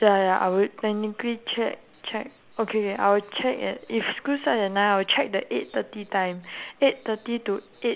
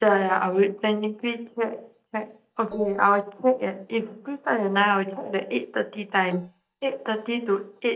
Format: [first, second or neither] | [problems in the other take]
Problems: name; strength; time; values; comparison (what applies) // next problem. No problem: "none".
first | noise reduction (neural mask model DeepFilterNet 3)